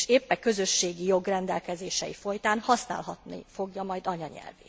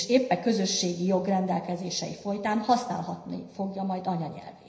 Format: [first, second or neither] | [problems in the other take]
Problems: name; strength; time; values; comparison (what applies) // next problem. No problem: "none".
first | room echo; dies away in 0.9 s